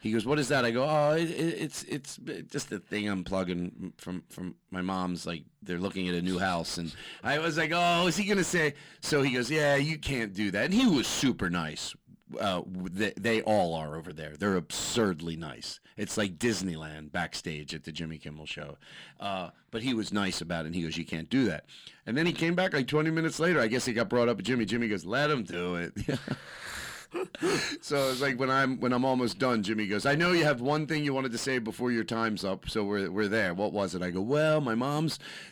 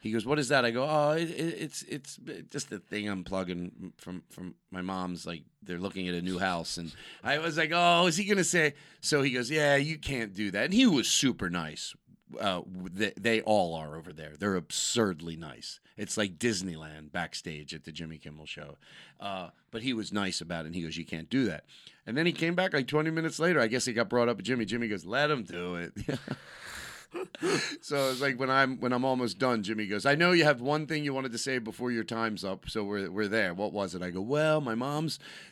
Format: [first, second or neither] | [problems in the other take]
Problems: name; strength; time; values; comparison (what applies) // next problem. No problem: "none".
second | distortion; slight; 10 dB below the speech